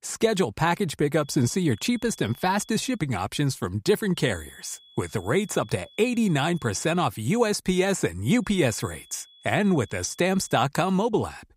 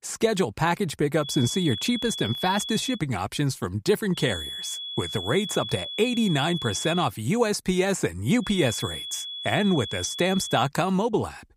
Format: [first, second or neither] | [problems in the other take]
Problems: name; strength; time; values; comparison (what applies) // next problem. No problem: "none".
first | high-pitched whine; loud; from 1.5 to 3 s, from 4 to 7 s and from 8.5 to 11 s; 3.5 kHz, 7 dB below the speech; faint in the first